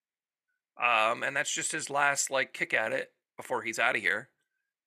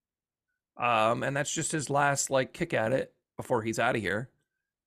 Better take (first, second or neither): second